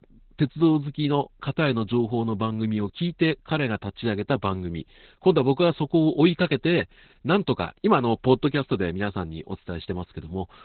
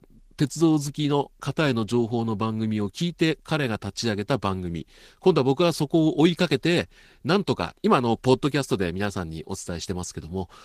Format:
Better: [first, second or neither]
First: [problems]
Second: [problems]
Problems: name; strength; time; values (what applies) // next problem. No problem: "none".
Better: second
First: garbled, watery; badly; nothing above 4 kHz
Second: garbled, watery; slightly; nothing above 15 kHz